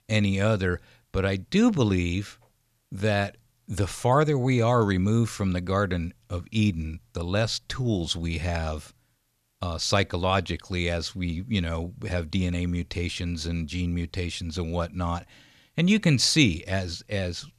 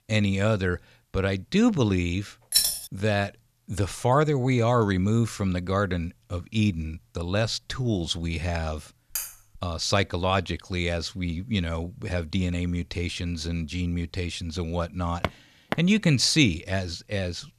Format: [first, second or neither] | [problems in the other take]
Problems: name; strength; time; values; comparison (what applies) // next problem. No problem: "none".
first | jangling keys; loud; at 2.5 s; peak 5 dB above the speech // clattering dishes; noticeable; at 9 s; peak 6 dB below the speech // footsteps; noticeable; at 15 s; peak 7 dB below the speech